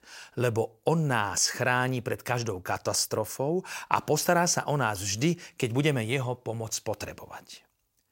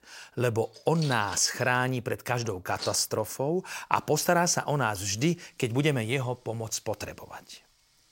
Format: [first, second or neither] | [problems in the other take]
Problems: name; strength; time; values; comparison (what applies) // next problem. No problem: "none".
first | household noises; noticeable; throughout; 15 dB below the speech